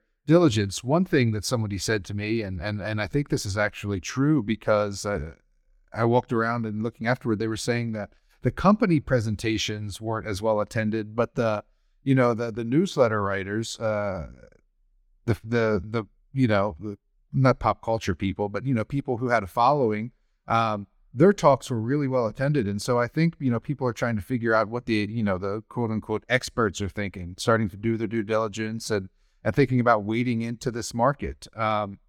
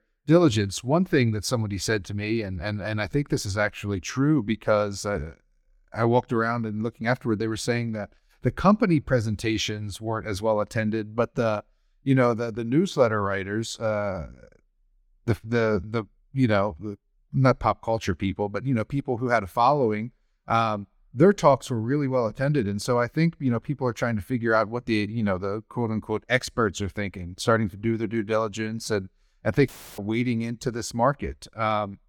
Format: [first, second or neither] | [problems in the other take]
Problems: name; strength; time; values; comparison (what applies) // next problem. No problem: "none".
first | audio cutting out; filled with static; at 30 s